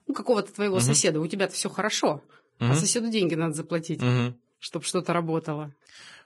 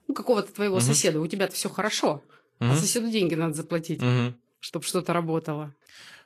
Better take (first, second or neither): second